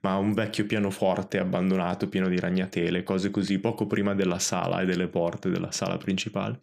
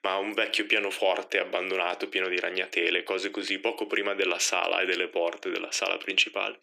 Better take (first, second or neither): first